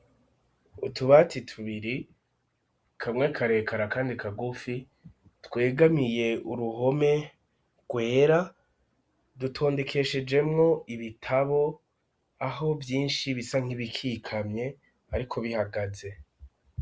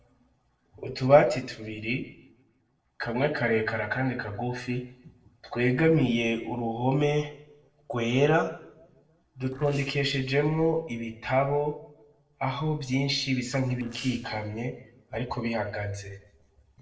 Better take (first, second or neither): first